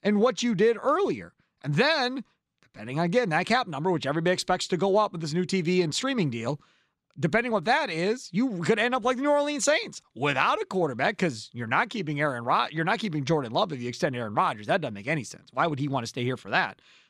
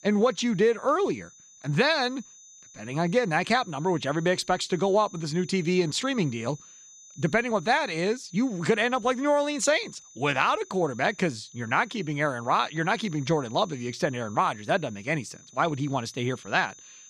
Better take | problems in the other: first | high-pitched whine; faint; throughout; 6 kHz, 20 dB below the speech

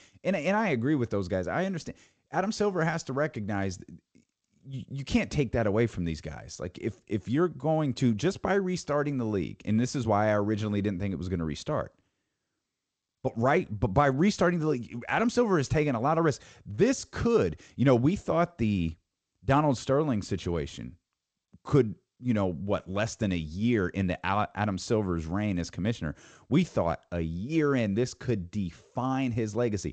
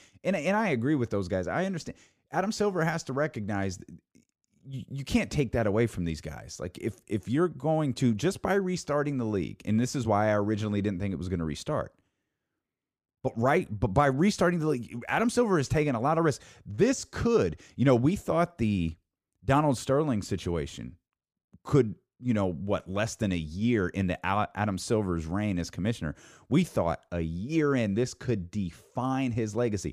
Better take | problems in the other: second | garbled, watery; slightly; nothing above 8 kHz

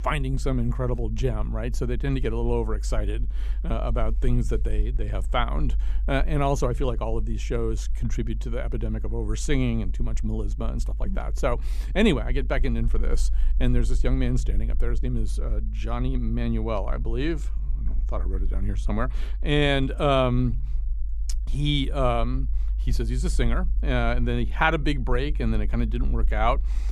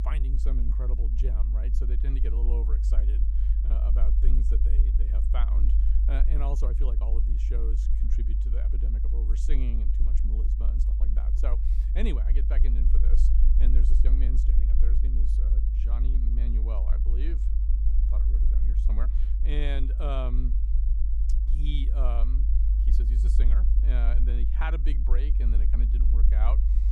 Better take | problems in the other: first | low rumble; loud; throughout; 5 dB below the speech; faint in the first

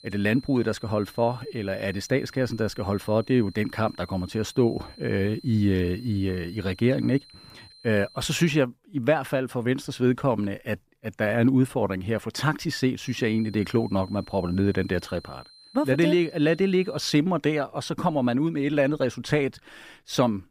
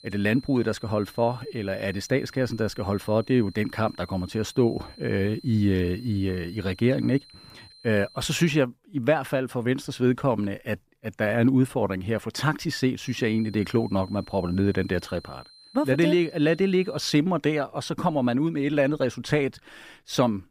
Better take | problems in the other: neither | high-pitched whine; faint; until 8.5 s and from 13 to 17 s; 4 kHz, 25 dB below the speech; the same in both

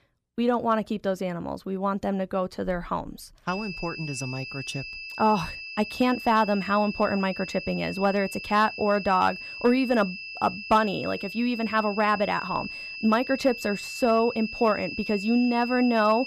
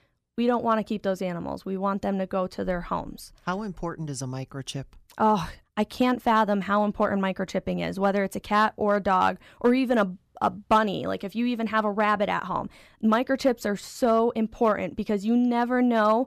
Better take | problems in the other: second | high-pitched whine; loud; from 3.5 s on; 2.5 kHz, 9 dB below the speech

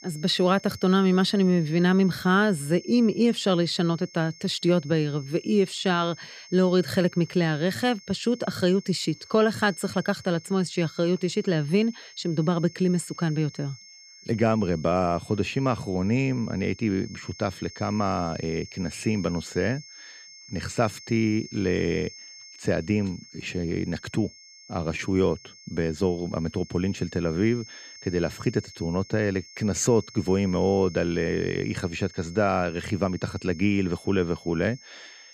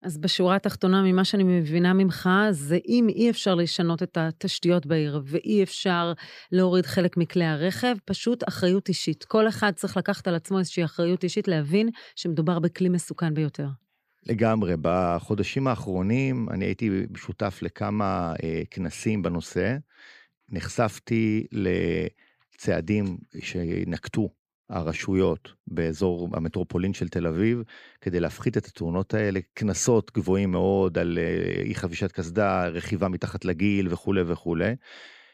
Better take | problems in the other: second | high-pitched whine; noticeable; throughout; 5.5 kHz, 20 dB below the speech

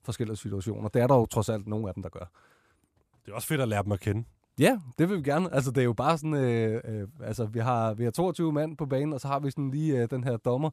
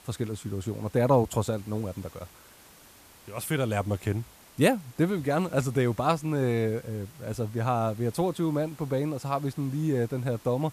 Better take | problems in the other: first | hiss; faint; throughout; 25 dB below the speech

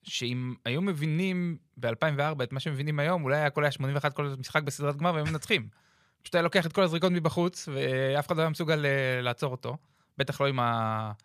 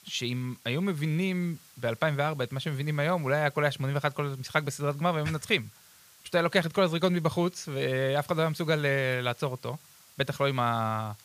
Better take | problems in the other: first | hiss; faint; throughout; 25 dB below the speech

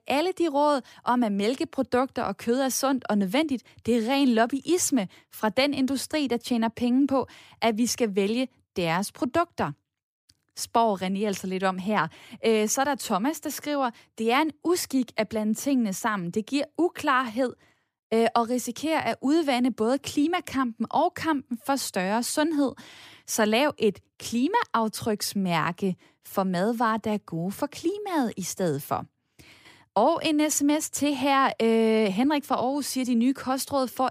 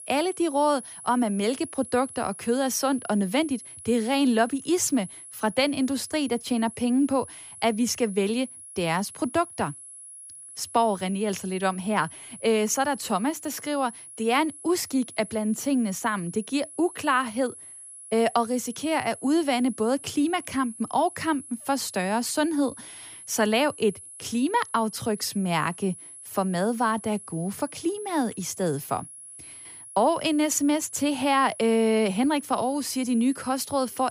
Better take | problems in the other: first | high-pitched whine; noticeable; throughout; 10.5 kHz, 15 dB below the speech

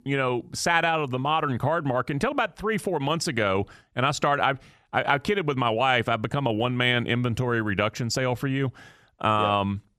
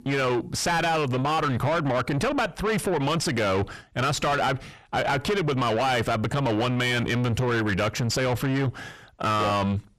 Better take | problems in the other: first | distortion; heavy; 5 dB below the speech

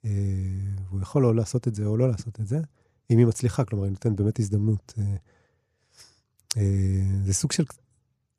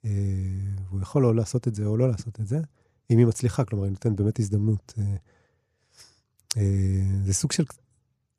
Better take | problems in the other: neither | none

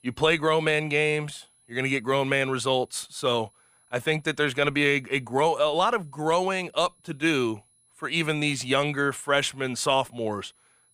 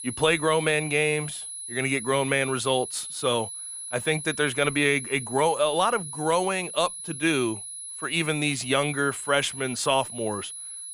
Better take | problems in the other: first | high-pitched whine; loud; throughout; 10.5 kHz, 9 dB below the speech; faint in the first

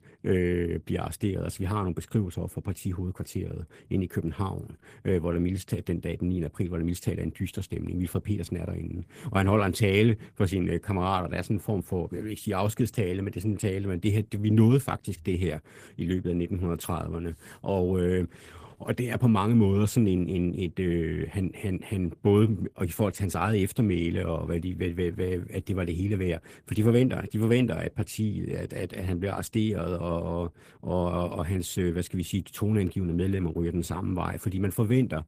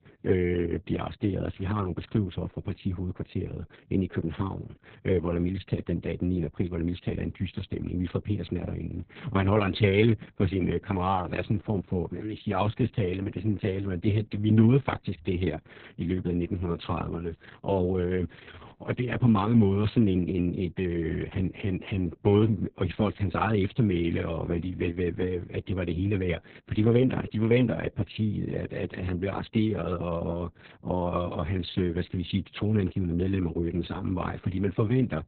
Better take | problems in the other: first | garbled, watery; badly; nothing above 4 kHz; slightly in the first

